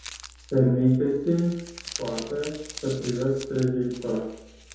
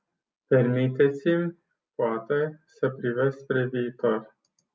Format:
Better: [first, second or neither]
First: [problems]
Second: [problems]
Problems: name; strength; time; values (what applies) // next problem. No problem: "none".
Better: second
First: background sound (Crumpling, crinkling); 16 dB below the speech // room echo; dies away in 0.8 s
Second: none